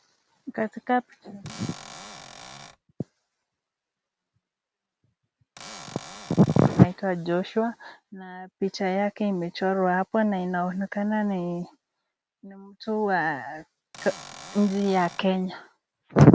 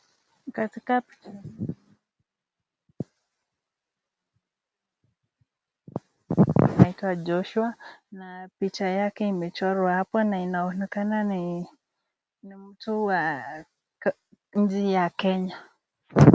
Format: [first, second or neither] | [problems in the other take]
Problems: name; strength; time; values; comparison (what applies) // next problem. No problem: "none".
second | background sound (Cupboard open or close / Door); 17 dB below the speech